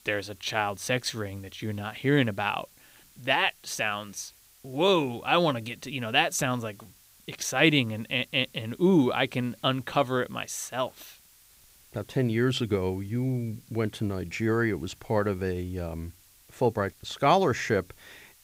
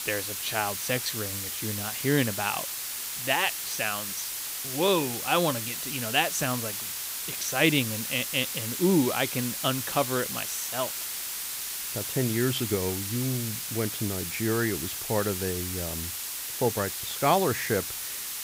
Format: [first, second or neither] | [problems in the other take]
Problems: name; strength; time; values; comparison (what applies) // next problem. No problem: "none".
first | hiss; loud; throughout; 3 dB below the speech; faint in the first